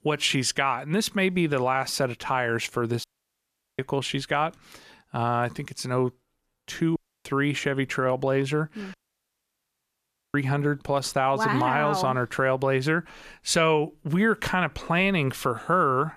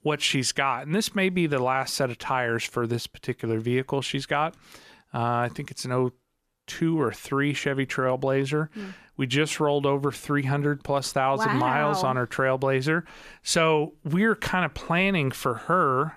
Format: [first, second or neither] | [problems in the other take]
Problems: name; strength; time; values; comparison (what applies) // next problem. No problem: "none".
second | audio cutting out; at 3 s for 1 s, at 7 s and at 9 s for 1.5 s